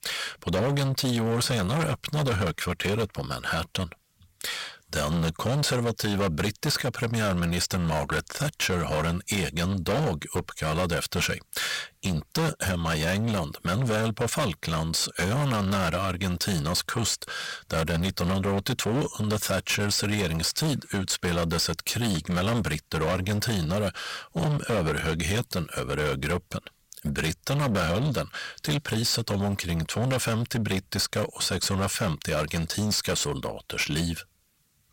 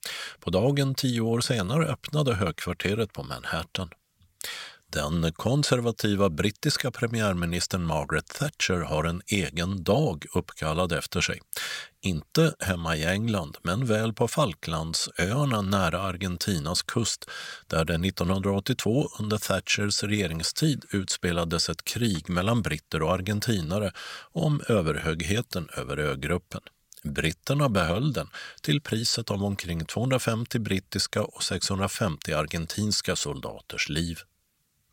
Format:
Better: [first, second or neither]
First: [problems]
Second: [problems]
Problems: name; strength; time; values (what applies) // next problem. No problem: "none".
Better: second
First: distortion; heavy; 20% of the sound clipped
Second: none